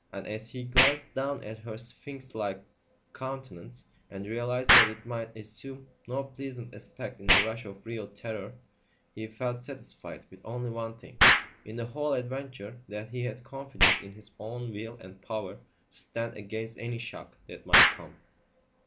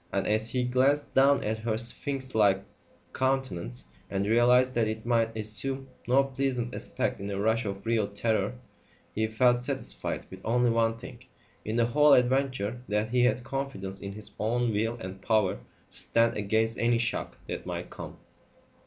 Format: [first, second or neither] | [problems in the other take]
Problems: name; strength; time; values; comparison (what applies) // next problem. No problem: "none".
second | background sound (Explosion); 4 dB above the speech